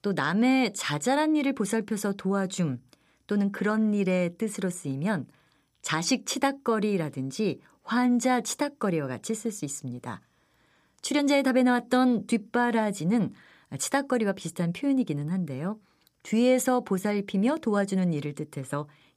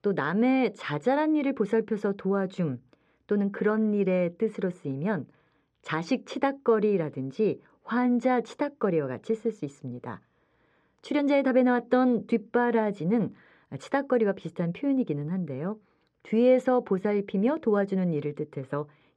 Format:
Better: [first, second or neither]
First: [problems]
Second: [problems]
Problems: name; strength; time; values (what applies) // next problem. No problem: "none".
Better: first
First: none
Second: muffled; very; fading above 2.5 kHz